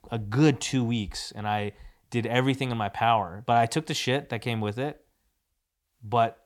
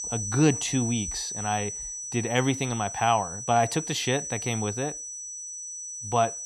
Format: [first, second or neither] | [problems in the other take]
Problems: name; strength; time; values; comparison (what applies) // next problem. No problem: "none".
first | high-pitched whine; loud; throughout; 6 kHz, 6 dB below the speech